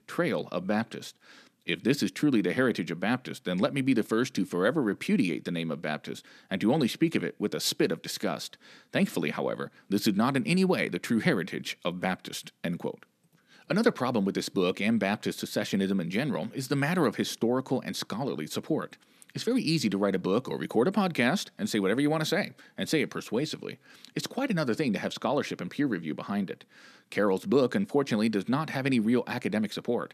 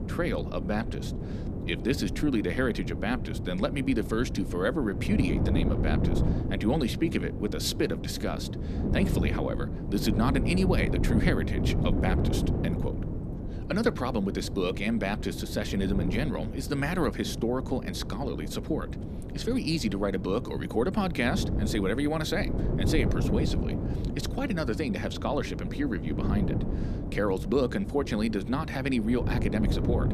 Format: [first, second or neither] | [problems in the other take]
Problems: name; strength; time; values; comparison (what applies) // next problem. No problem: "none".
first | wind noise on the microphone; heavy; 7 dB below the speech